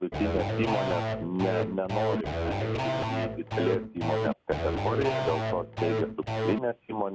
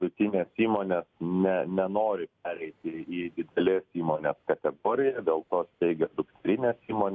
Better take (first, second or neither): second